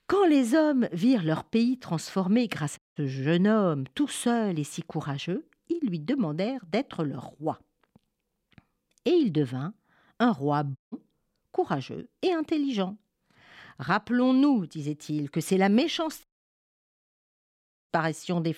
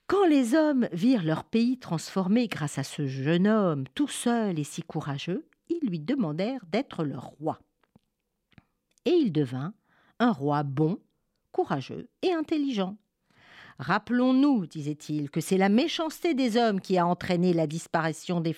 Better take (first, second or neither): second